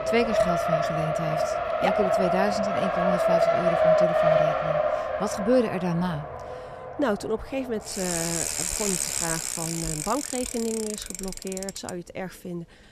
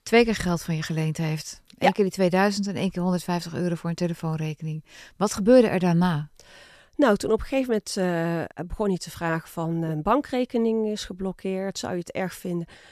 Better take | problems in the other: second | traffic noise; very loud; throughout; 5 dB above the speech

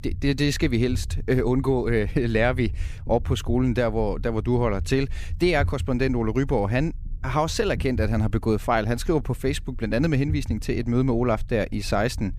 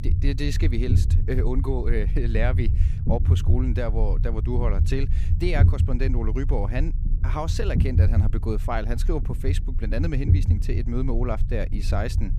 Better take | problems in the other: first | low rumble; loud; throughout; 8 dB below the speech; faint in the first

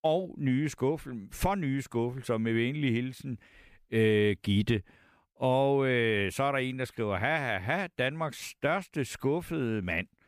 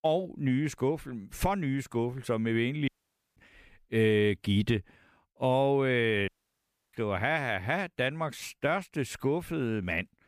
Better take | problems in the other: first | audio cutting out; at 3 s and at 6.5 s for 0.5 s

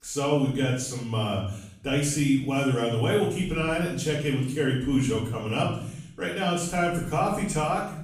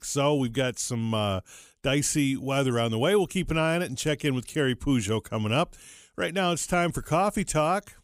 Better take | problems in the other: second | off-mic speech; far // room echo; noticeable; dies away in 0.7 s

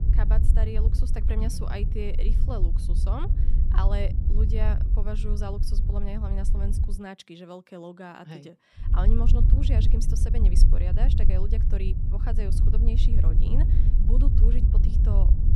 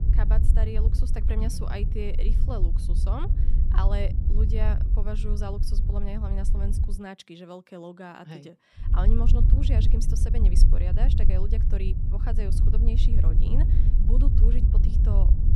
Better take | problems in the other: neither | low rumble; loud; until 7 s and from 9 s on; 4 dB below the speech; the same in both

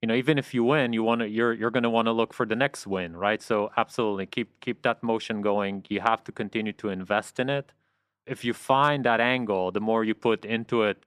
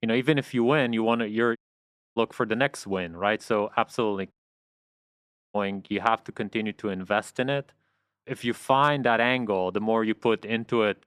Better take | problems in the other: first | audio cutting out; at 1.5 s for 0.5 s and at 4.5 s for 1 s

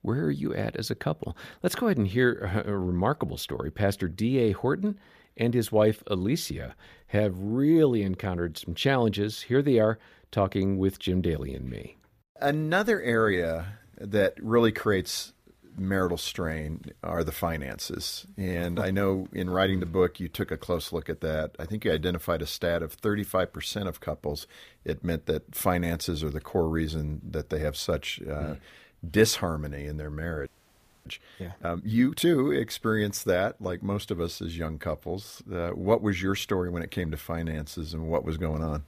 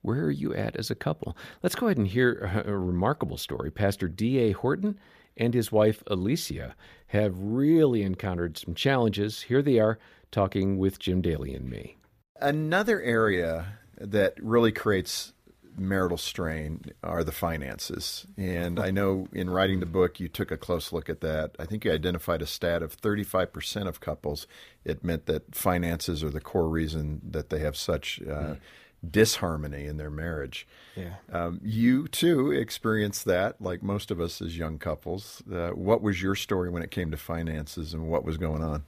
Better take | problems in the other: second | audio freezing; at 30 s for 0.5 s

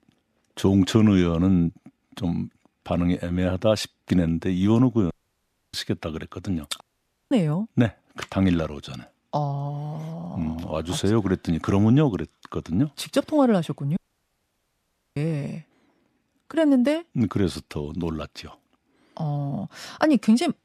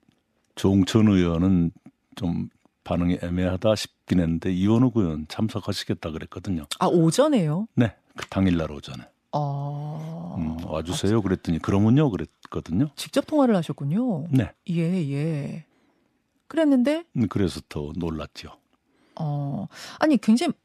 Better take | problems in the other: second | audio cutting out; at 5 s for 0.5 s, at 7 s for 0.5 s and at 14 s for 1 s

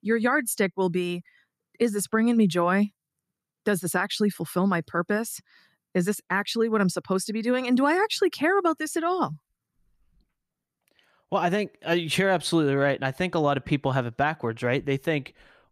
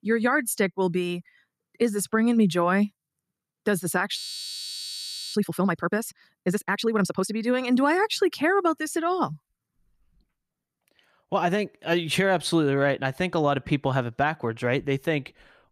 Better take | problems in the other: first | audio freezing; at 4 s for 1 s

